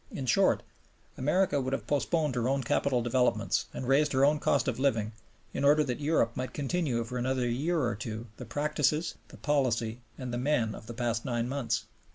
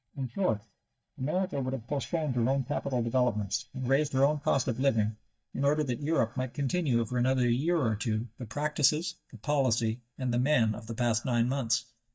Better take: first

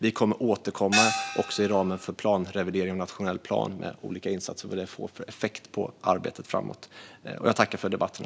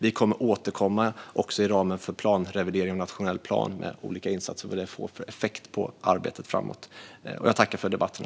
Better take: second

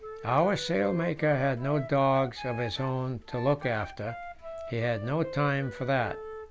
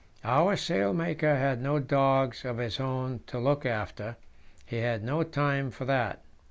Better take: second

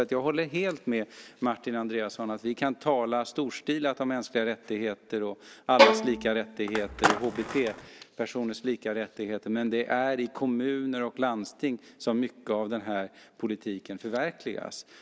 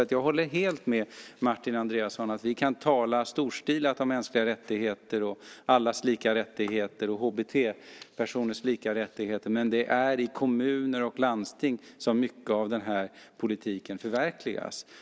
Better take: second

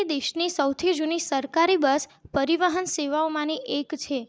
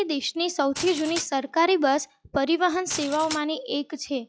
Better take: first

